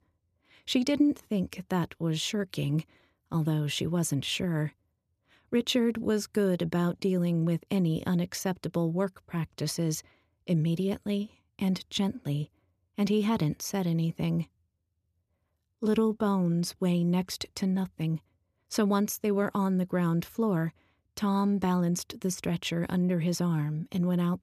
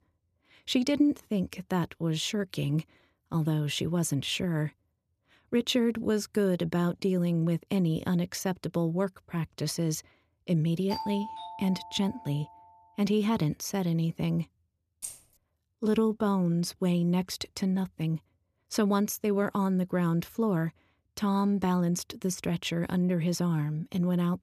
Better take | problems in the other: first | doorbell; noticeable; from 11 to 12 s; peak 8 dB below the speech // jangling keys; faint; at 15 s; peak 10 dB below the speech

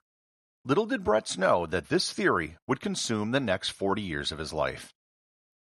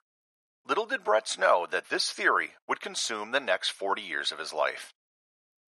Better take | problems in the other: first | thin; very; fading below 600 Hz

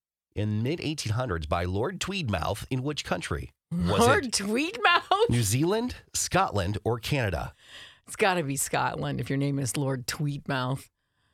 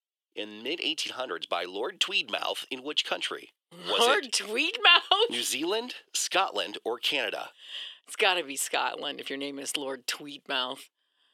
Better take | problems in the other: first | thin; somewhat; fading below 300 Hz

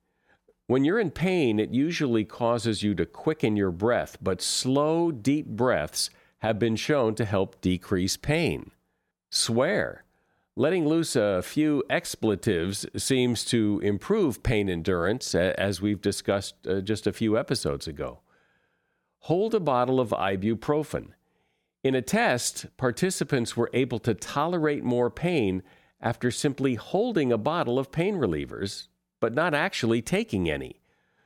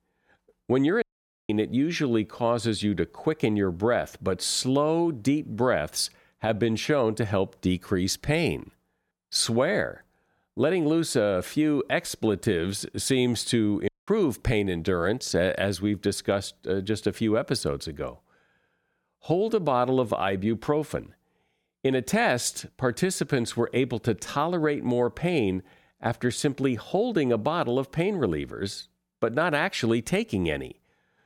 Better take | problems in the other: first | audio cutting out; at 1 s and at 14 s

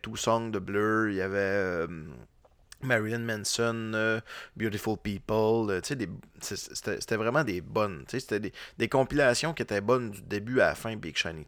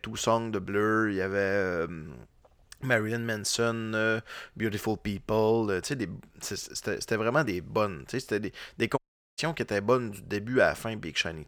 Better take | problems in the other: first | audio cutting out; at 9 s

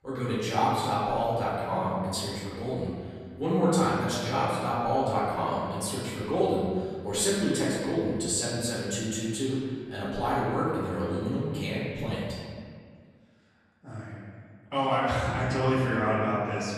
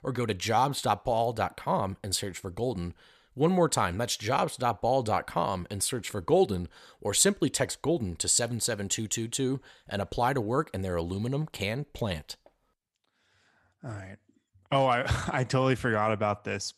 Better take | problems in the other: second | off-mic speech; far // room echo; strong; dies away in 1.9 s

